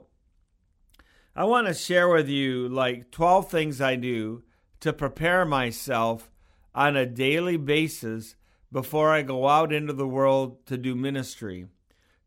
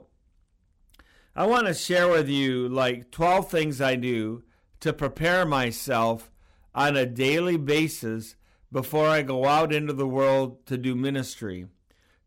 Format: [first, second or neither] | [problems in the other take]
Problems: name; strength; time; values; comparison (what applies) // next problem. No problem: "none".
first | distortion; slight; 5% of the sound clipped